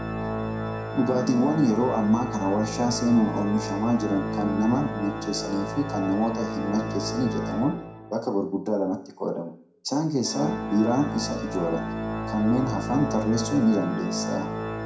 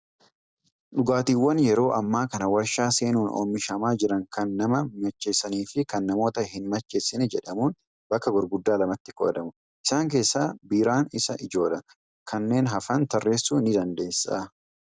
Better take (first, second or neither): second